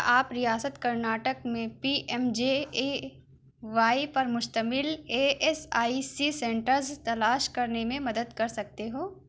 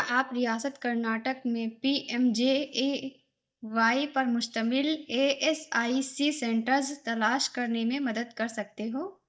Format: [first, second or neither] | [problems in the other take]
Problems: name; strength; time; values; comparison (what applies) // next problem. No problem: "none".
first | noise reduction (neural mask model DeepFilterNet 3)